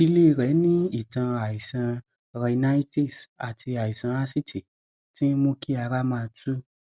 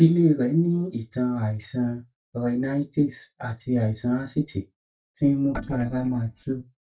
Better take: first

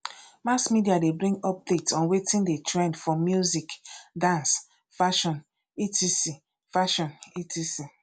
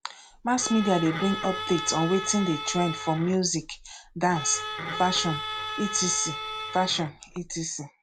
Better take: first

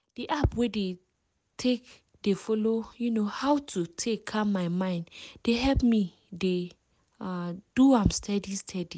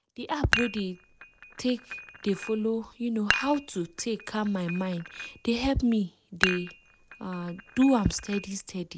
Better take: first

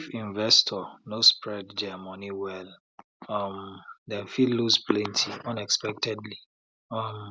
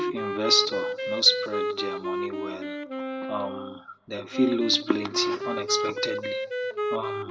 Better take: first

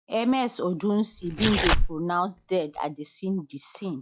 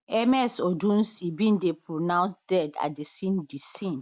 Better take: second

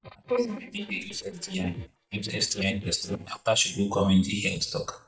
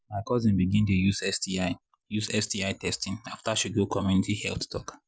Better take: second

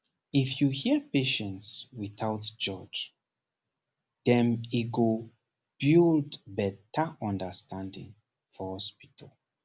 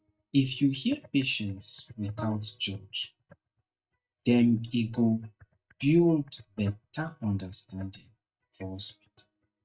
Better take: first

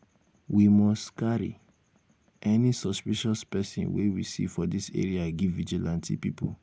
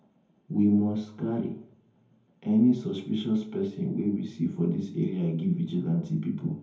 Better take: first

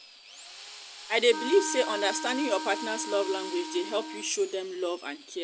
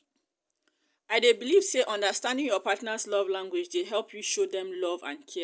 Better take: second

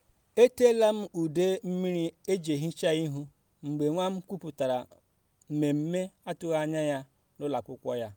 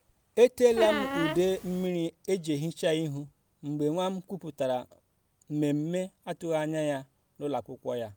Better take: first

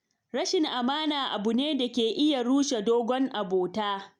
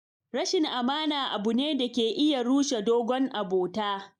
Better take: first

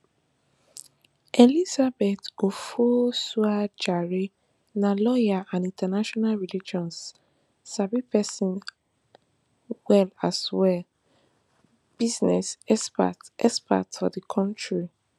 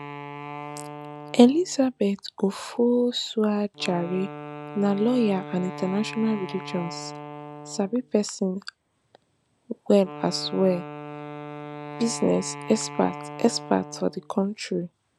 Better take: first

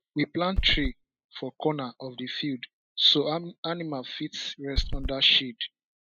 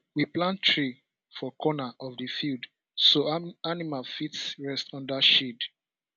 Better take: second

